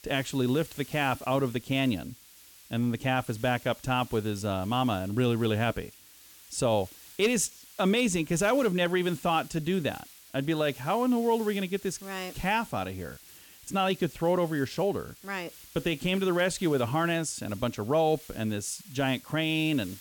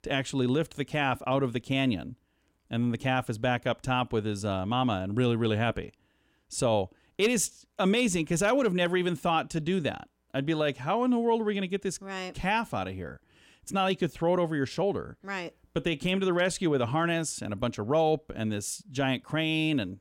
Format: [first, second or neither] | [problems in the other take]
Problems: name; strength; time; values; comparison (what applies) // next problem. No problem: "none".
second | hiss; noticeable; throughout; 20 dB below the speech